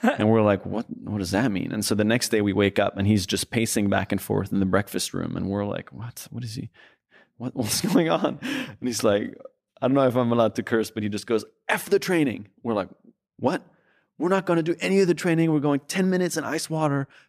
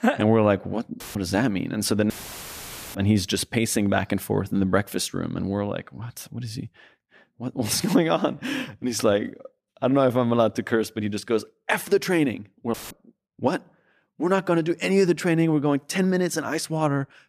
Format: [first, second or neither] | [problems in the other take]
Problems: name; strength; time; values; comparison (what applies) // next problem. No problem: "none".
first | audio cutting out; filled with static; at 1 s, at 2 s for 1 s and at 13 s